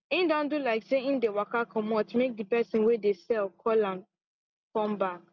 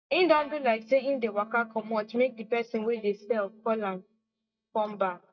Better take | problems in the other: first | noise reduction (neural mask model DeepFilterNet 3)

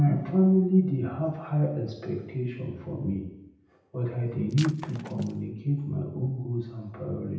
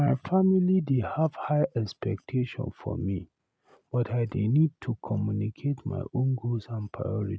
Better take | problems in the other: second | background sound (Shatter); 16 dB below the speech // room echo; dies away in 0.8 s

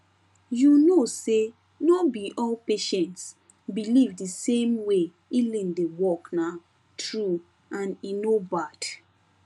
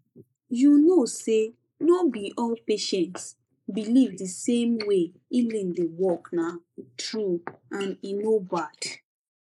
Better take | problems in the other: first | noise reduction (neural mask model Resemble Enhance denoiser)

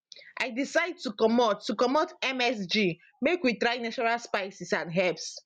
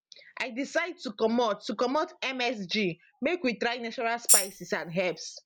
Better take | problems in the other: first | background sound (Tambourine); 3 dB above the speech

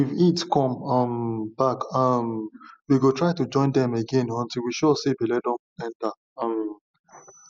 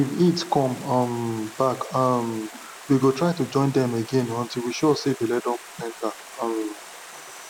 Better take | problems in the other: first | background sound (Stream); 17 dB below the speech

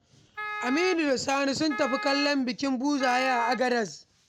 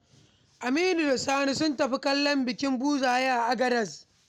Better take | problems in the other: second | background sound (Wind instrument, woodwind instrument); 10 dB below the speech

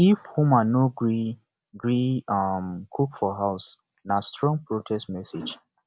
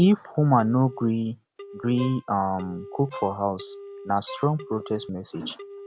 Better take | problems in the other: first | background sound (Telephone + Bowed string instrument); 17 dB below the speech

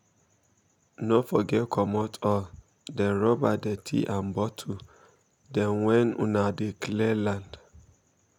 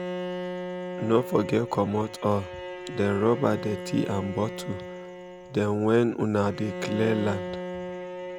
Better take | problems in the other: first | background sound (Bowed string instrument); 8 dB below the speech

